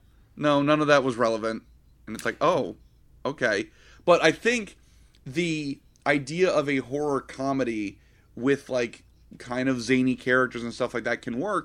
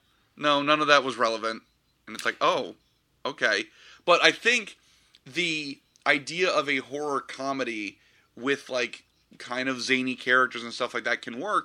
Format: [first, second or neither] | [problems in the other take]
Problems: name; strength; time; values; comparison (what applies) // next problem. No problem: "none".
first | thin; very slightly; fading below 650 Hz